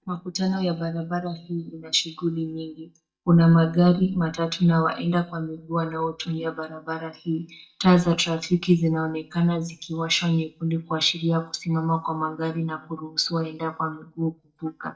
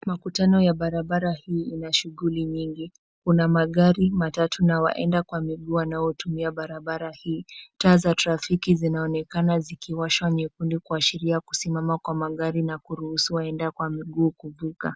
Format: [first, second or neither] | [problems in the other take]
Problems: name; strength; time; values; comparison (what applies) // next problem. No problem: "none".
second | noise reduction (neural mask model DeepFilterNet 3)